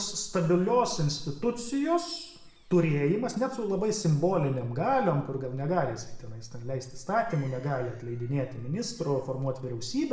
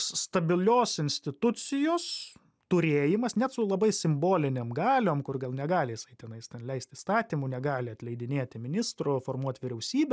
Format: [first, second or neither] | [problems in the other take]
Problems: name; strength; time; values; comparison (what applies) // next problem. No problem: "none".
second | background sound (Gull, seagull / Fowl); 15 dB below the speech // room echo; dies away in 0.7 s